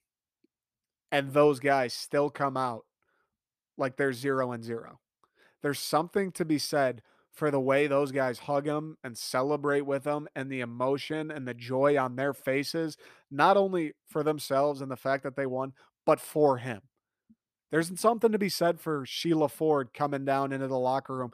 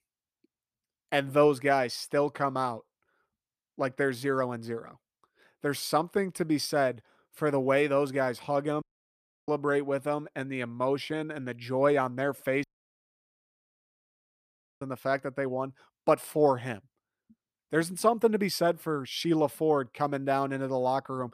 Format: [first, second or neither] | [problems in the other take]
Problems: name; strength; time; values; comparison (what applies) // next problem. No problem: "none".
first | audio cutting out; at 9 s for 0.5 s and at 13 s for 2 s